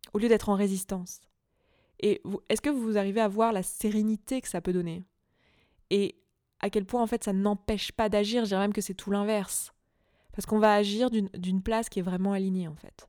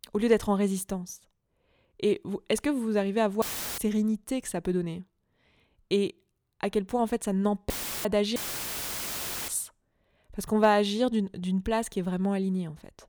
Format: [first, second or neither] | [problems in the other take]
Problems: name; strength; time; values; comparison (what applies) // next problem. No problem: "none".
first | audio cutting out; filled with static; at 3.5 s, at 7.5 s and at 8.5 s for 1 s